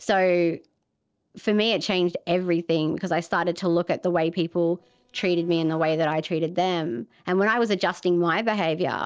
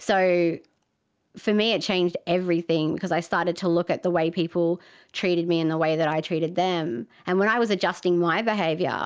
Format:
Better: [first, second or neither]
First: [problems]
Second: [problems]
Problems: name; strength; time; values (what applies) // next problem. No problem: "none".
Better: second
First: noise reduction (neural separator model SepFormer DNS4)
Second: none